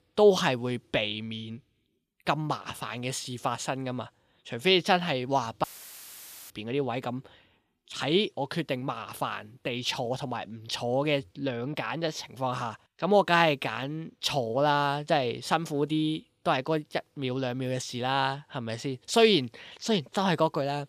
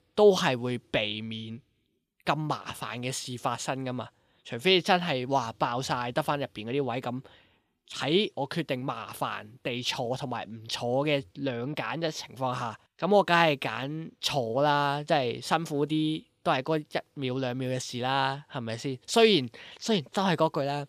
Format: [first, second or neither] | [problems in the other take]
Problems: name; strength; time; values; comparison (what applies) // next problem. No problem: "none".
second | audio cutting out; filled with static; at 5.5 s for 1 s